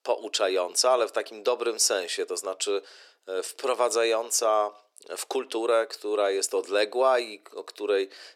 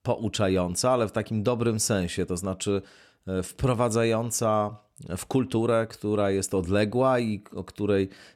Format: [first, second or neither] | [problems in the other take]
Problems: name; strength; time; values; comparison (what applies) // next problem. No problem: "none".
second | thin; very; fading below 350 Hz